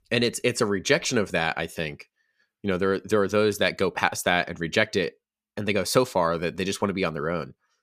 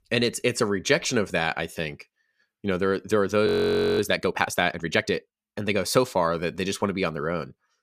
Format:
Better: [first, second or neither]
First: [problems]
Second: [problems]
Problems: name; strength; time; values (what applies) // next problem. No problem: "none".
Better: first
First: none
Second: audio freezing; at 3.5 s for 0.5 s